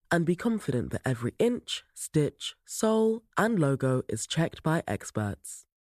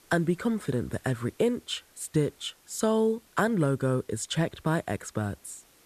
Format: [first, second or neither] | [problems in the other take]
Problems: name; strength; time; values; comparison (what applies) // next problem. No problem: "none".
first | hiss; faint; throughout; 30 dB below the speech